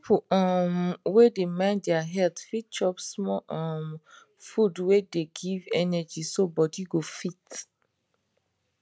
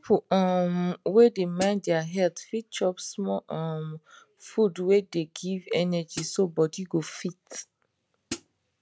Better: first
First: none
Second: background sound (Hi-hat); 11 dB below the speech

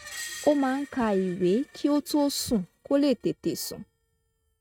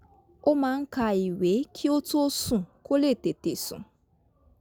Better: second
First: noise reduction (neural mask model RNNoise)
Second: none

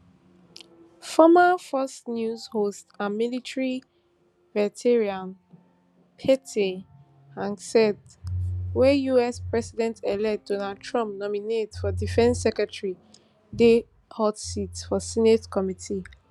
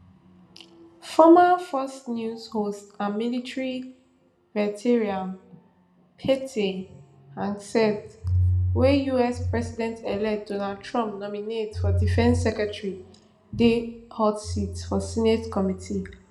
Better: first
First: none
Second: room echo; dies away in 0.6 s

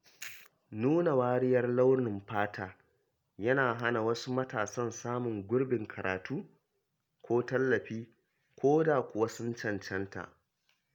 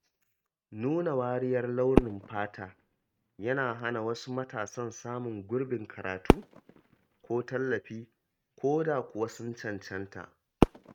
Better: first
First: none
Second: noise reduction (neural mask model RNNoise)

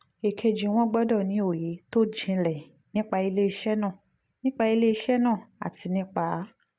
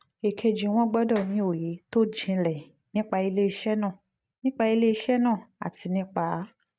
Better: first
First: none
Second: noise reduction (neural mask model RNNoise)

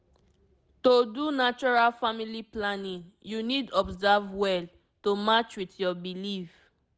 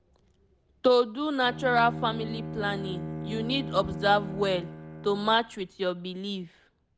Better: first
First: none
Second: background sound (Bowed string instrument); 10 dB below the speech

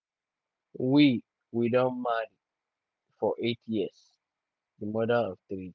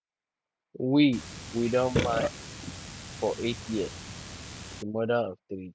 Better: first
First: none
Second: background sound (Burping, eructation); 5 dB below the speech

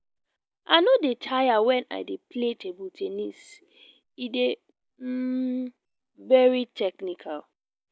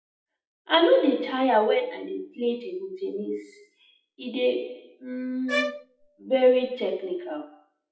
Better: first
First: none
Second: noise reduction (classical method WPE with log-MMSE)

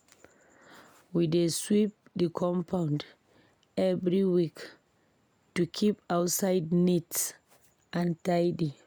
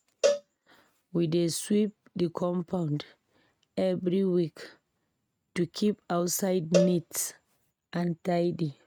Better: first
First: none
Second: noise reduction (neural mask model RNNoise)

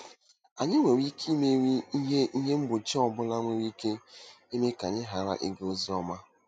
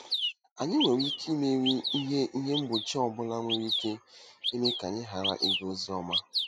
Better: first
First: none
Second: background sound (Bird vocalization, bird call, bird song); 4 dB below the speech

